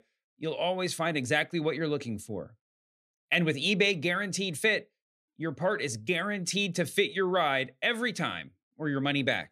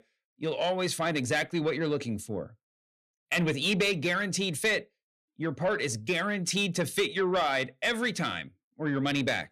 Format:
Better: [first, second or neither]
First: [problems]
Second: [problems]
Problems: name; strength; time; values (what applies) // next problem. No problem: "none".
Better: first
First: none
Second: distortion; slight; 10 dB below the speech